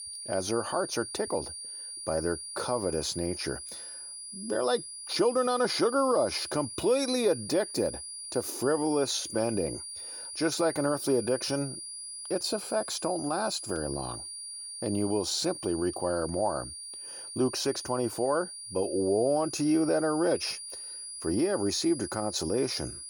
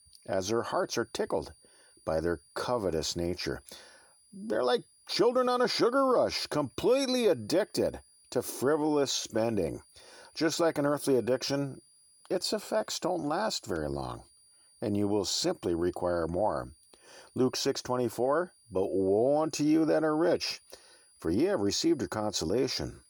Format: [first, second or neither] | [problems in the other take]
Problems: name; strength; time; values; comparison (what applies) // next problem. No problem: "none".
second | high-pitched whine; loud; throughout; 9.5 kHz, 9 dB below the speech; faint in the second